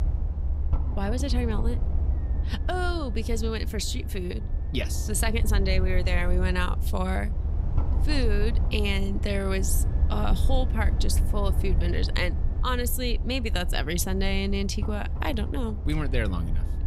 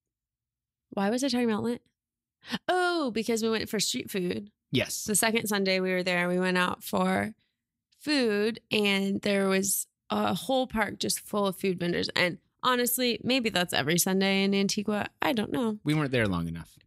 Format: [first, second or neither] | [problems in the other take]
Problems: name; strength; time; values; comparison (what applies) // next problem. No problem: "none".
second | low rumble; noticeable; throughout; 10 dB below the speech